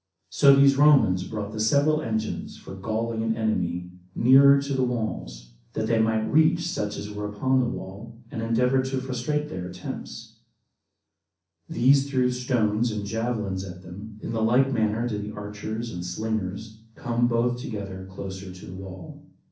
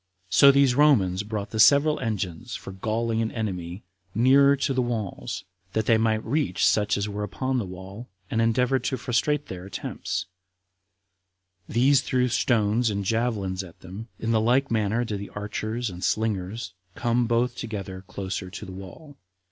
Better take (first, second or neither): second